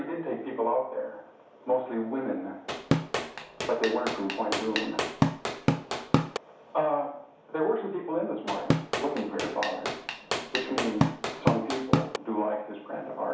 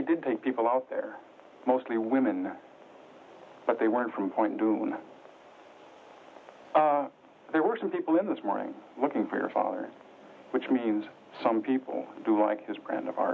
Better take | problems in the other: second | background sound (Drum / Drum kit); 2 dB above the speech // room echo; dies away in 0.6 s

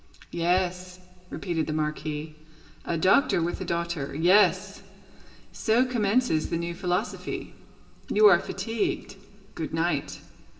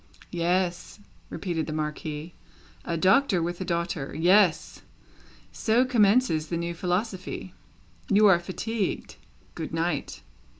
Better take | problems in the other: second | background sound (Bass drum); 18 dB below the speech // room echo; dies away in 2.3 s

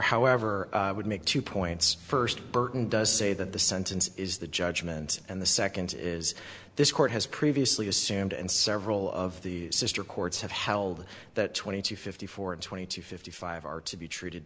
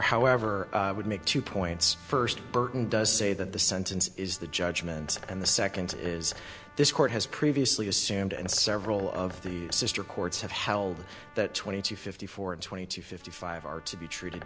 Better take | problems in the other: first | background sound (Bird + Trumpet); 20 dB below the speech

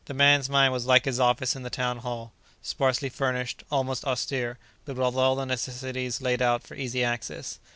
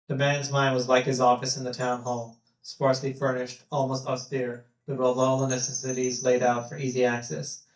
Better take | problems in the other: first | noise reduction (neural mask model DeepFilterNet 3)

